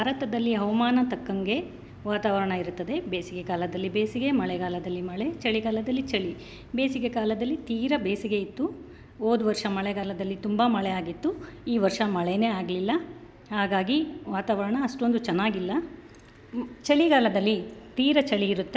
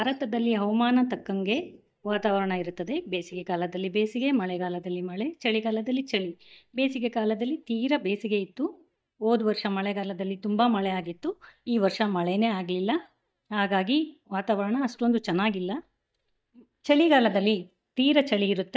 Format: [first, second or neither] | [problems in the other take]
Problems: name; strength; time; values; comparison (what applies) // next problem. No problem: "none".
first | noise reduction (neural mask model DeepFilterNet 3)